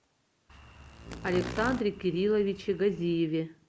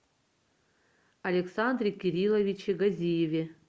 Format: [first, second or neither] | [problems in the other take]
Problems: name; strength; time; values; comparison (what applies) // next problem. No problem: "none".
second | background sound (Insect); 12 dB below the speech